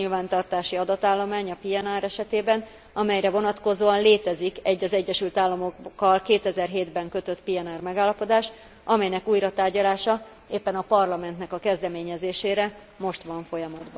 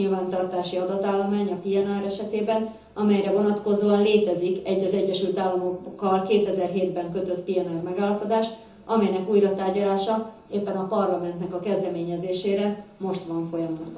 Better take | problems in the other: first | room echo; dies away in 0.6 s

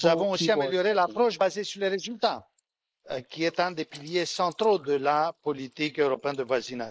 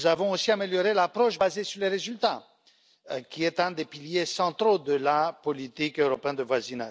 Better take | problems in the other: second | noise reduction (neural mask model Resemble Enhance denoiser)

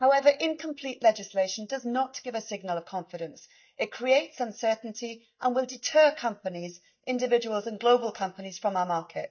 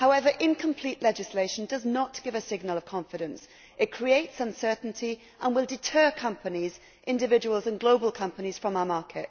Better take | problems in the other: second | noise reduction (neural mask model DeepFilterNet 3)

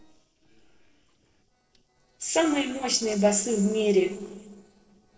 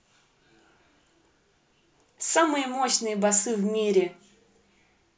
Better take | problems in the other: second | noise reduction (neural separator model SepFormer DNS4)

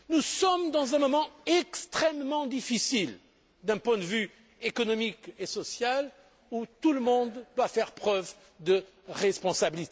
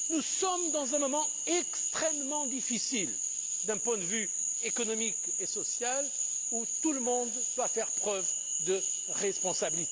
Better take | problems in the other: first | background sound (Frog); 3 dB above the speech

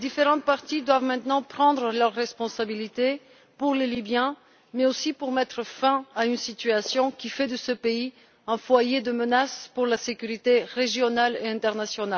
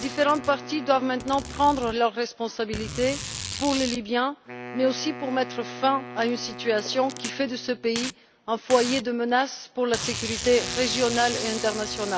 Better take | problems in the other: first | background sound (Packing tape, duct tape + Wind instrument, woodwind instrument); 10 dB below the speech

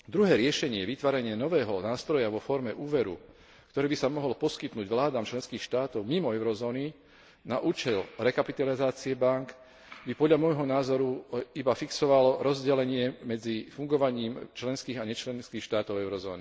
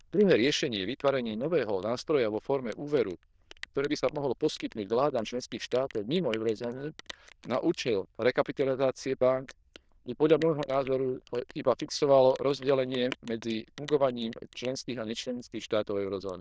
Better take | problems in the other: first | noise reduction (neural diffusion model UNIVERSE++)

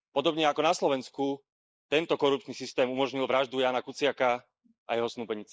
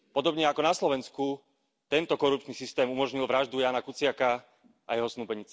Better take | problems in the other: second | noise reduction (neural mask model Resemble Enhance denoiser)

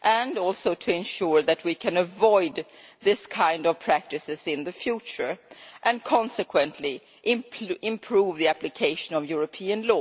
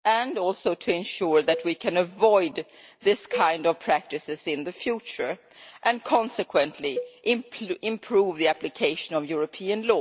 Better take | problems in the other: first | noise reduction (neural mask model DeepFilterNet 3)

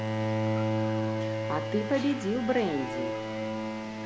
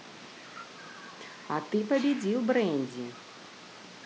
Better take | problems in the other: second | background sound (Bowed string instrument); 1 dB above the speech

